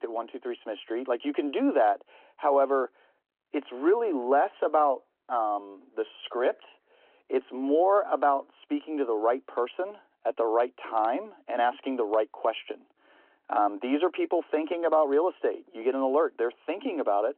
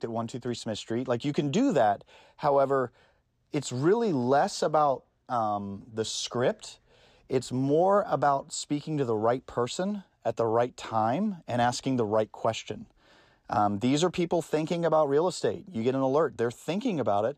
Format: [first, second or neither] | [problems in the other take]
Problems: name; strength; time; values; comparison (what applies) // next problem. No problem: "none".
second | phone-call audio